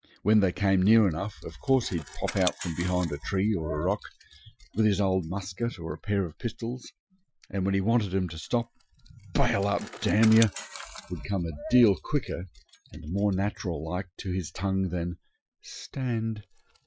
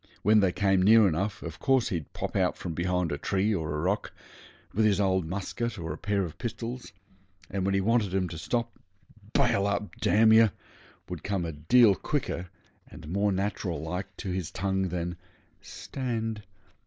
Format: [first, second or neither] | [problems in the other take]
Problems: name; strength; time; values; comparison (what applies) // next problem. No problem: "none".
second | noise reduction (classical method Wiener filter)